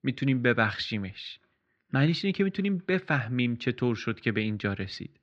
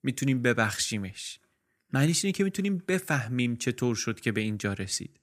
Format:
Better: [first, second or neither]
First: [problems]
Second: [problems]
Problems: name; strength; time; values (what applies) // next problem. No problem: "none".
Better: second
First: muffled; slightly; fading above 4 kHz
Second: none